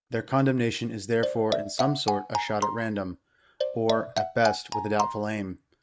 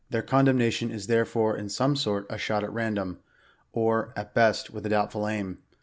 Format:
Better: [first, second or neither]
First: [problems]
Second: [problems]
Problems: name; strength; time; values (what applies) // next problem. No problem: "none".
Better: second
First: noise reduction (neural mask model RNNoise)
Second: none